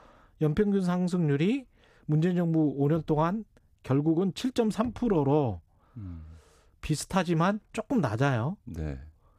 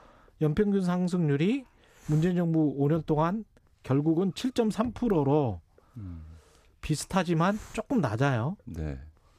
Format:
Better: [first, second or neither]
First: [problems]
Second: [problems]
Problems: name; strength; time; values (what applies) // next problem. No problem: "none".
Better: first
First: none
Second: hiss; faint; throughout; 30 dB below the speech